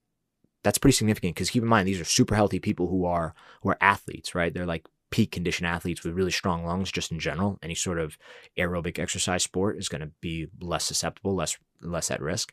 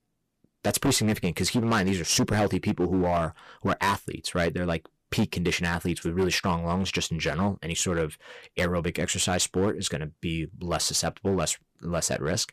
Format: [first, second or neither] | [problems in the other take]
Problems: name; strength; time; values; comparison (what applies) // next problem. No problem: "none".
first | distortion; heavy; 7% of the sound clipped